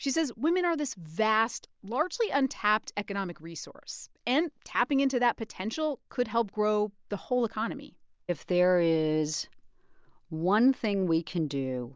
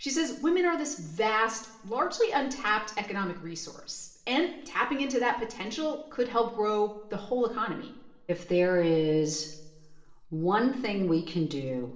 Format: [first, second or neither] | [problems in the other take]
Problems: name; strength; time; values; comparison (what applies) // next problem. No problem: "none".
first | room echo; dies away in 0.8 s